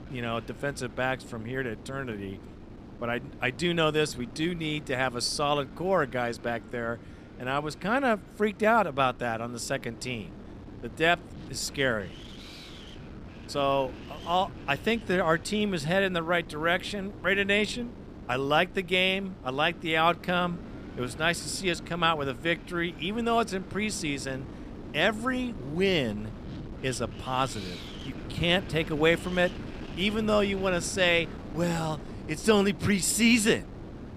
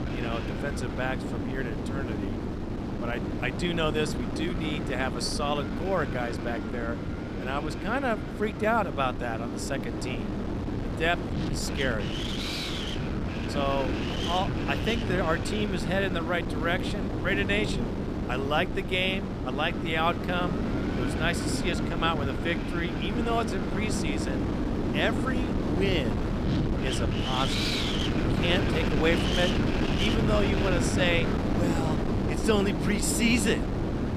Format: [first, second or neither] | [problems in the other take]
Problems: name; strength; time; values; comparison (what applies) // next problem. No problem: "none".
first | wind noise on the microphone; heavy; 4 dB below the speech; occasional gusts in the first